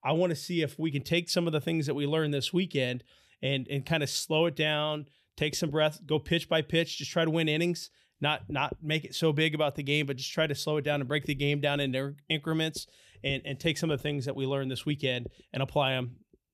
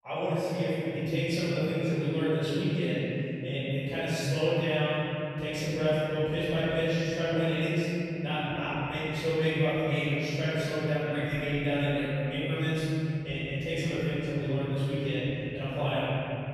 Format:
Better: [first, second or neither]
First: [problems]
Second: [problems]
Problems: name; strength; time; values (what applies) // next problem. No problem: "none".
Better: first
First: none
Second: off-mic speech; far // room echo; strong; dies away in 3 s